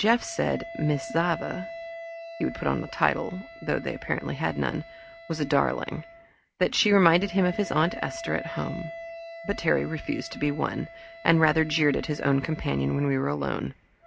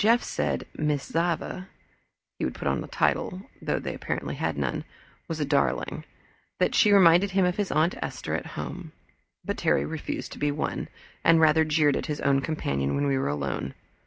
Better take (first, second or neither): second